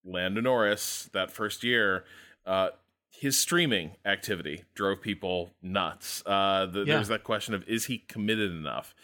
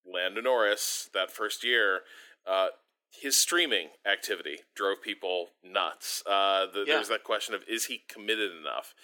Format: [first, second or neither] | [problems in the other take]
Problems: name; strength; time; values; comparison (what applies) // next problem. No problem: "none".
first | thin; somewhat; fading below 350 Hz